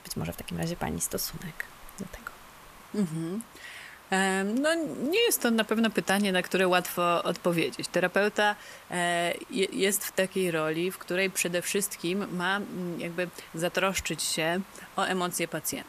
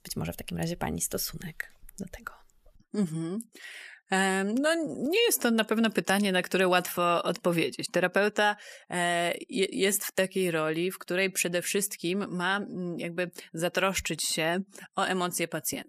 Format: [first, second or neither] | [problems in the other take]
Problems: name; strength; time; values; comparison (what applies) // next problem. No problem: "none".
second | hiss; faint; throughout; 20 dB below the speech